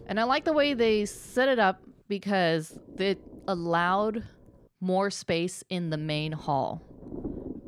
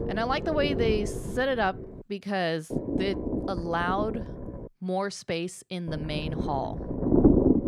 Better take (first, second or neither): first